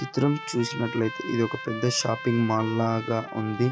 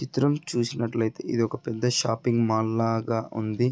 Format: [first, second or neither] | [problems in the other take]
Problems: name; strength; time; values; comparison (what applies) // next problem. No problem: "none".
second | background sound (Trumpet); 12 dB below the speech